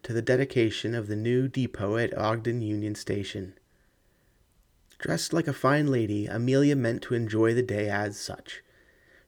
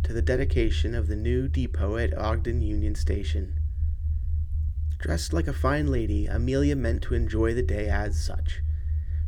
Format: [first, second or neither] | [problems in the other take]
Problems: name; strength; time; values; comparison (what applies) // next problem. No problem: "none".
first | low rumble; noticeable; throughout; 15 dB below the speech